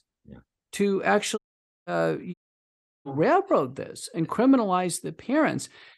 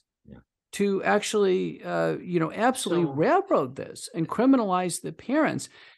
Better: second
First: audio cutting out; at 1.5 s and at 2.5 s for 0.5 s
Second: none

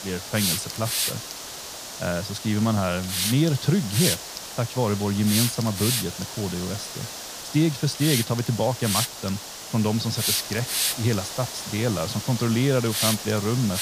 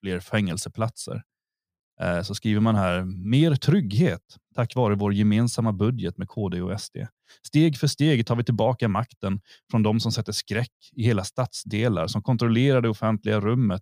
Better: second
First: hiss; loud; throughout; 2 dB below the speech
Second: none

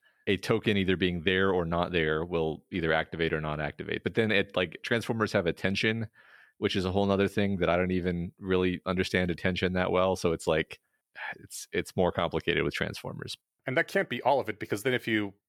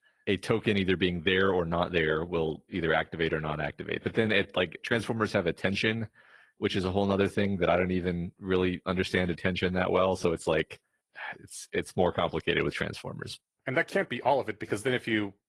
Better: first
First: none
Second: garbled, watery; slightly

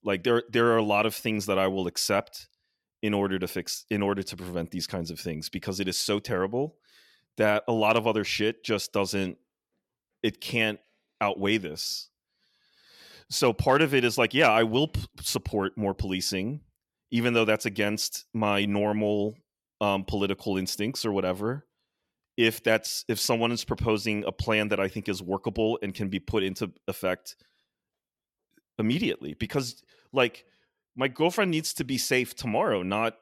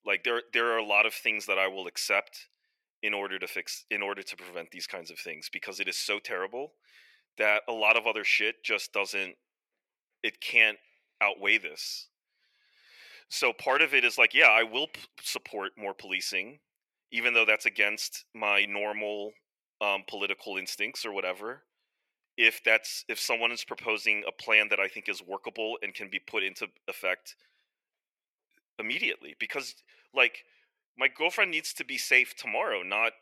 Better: first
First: none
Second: thin; very; fading below 550 Hz

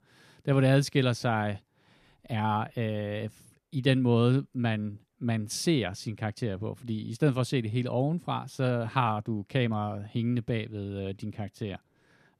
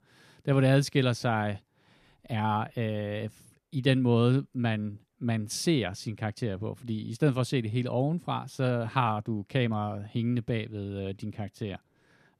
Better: neither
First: none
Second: none

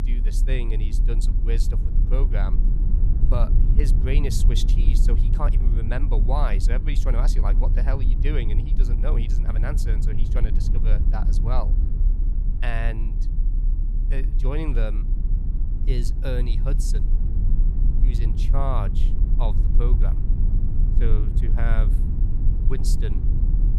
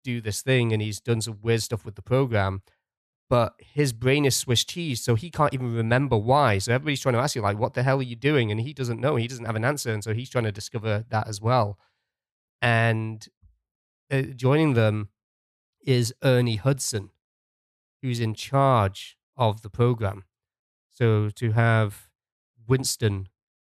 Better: second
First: low rumble; loud; throughout; 7 dB below the speech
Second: none

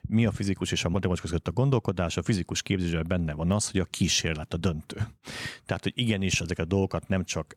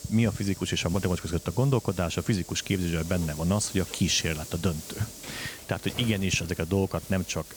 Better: first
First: none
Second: hiss; noticeable; throughout; 15 dB below the speech

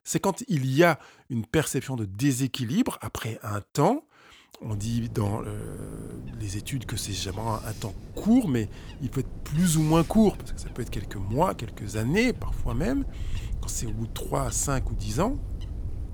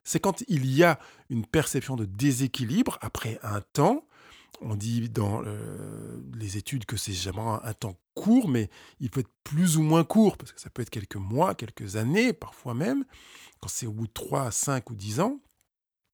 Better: second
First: wind noise on the microphone; occasional gusts; from 4.5 s on; 20 dB below the speech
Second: none

